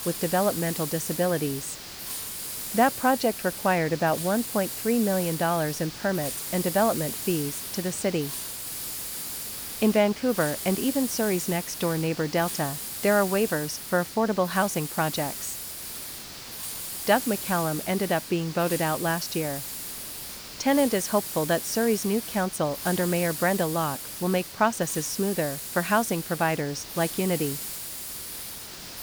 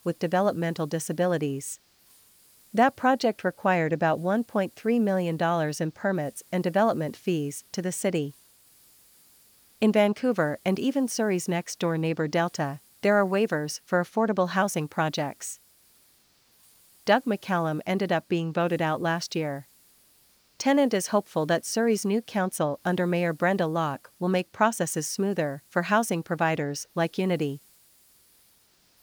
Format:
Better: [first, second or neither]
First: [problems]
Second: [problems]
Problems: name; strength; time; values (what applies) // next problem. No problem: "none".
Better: second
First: hiss; loud; throughout; 7 dB below the speech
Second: hiss; faint; throughout; 30 dB below the speech